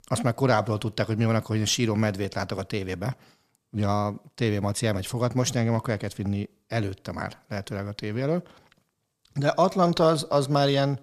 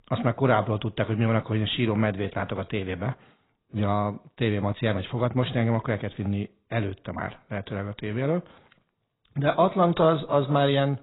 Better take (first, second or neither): first